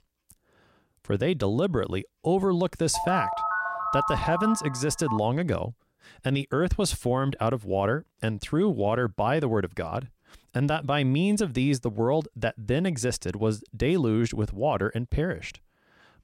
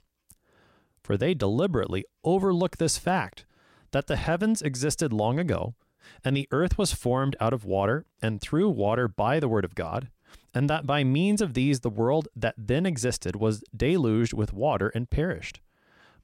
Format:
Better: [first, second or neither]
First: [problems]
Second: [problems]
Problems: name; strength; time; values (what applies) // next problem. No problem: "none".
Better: second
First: phone ringing; noticeable; from 3 to 5 s; peak level with the speech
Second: none